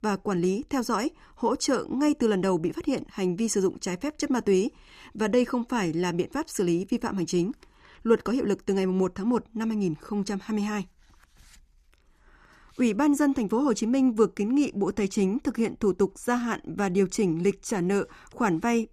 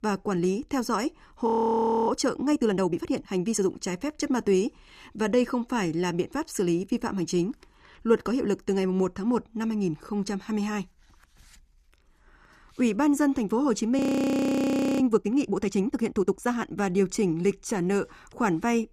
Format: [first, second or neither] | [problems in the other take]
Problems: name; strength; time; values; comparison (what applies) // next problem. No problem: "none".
first | audio freezing; at 1.5 s for 0.5 s and at 14 s for 1 s